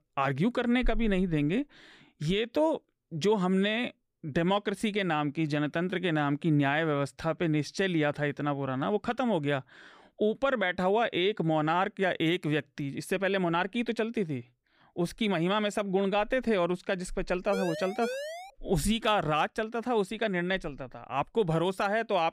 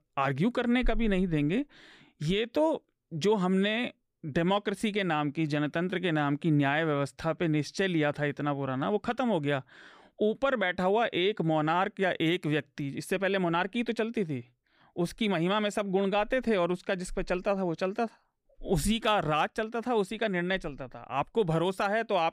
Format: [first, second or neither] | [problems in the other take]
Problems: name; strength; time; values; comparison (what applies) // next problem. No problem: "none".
second | siren; noticeable; at 18 s; peak 7 dB below the speech